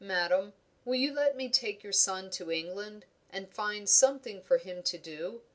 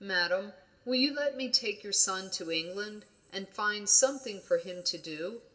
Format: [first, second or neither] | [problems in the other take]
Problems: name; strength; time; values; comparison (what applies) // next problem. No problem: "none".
first | room echo; dies away in 0.7 s